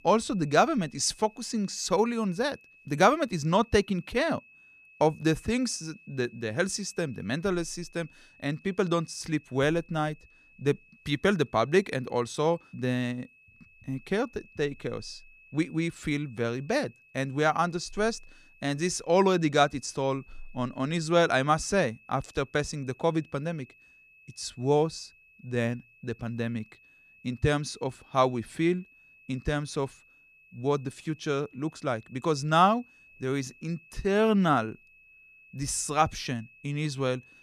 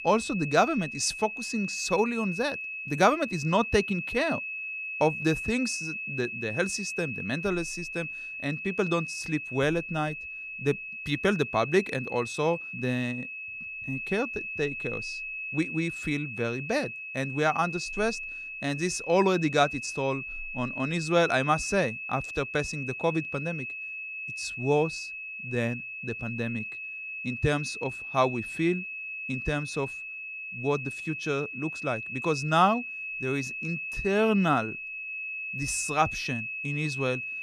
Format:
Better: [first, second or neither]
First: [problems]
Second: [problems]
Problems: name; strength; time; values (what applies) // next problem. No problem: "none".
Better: first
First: high-pitched whine; faint; throughout; 2.5 kHz, 25 dB below the speech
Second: high-pitched whine; loud; throughout; 2.5 kHz, 5 dB below the speech